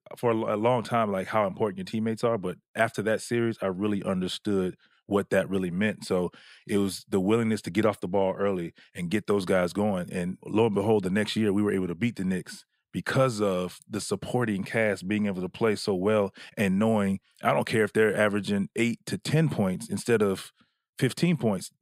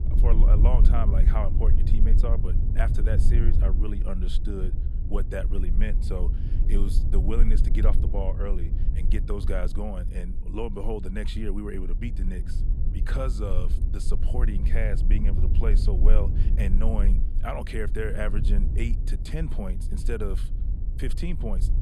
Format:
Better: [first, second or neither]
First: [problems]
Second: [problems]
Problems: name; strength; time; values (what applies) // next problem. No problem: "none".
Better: first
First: none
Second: low rumble; loud; throughout; 8 dB below the speech